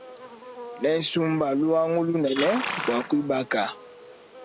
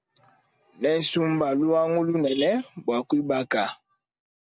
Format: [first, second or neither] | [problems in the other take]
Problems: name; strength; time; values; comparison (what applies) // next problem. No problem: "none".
second | background sound (Livestock, farm animals, working animals); 12 dB below the speech